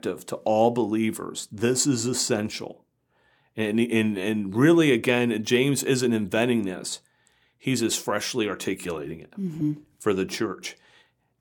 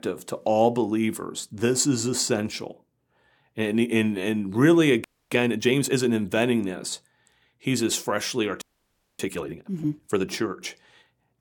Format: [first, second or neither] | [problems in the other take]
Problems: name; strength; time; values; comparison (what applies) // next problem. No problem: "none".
first | audio freezing; at 5 s and at 8.5 s for 0.5 s